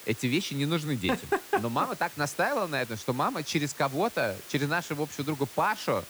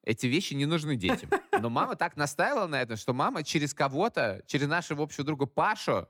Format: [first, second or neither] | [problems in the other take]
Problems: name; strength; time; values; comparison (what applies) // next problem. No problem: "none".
second | hiss; noticeable; throughout; 15 dB below the speech